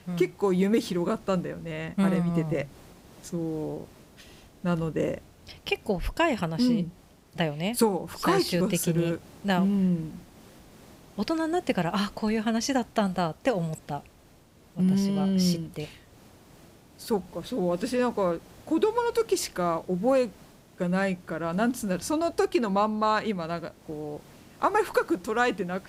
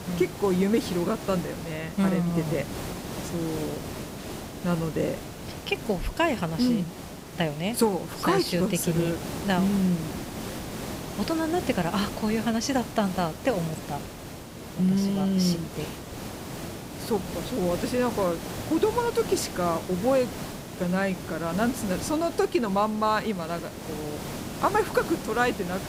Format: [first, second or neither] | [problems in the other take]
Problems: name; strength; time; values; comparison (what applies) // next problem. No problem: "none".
first | hiss; loud; throughout; 9 dB below the speech; faint in the first